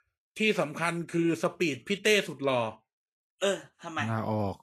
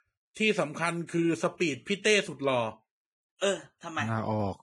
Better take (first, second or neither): first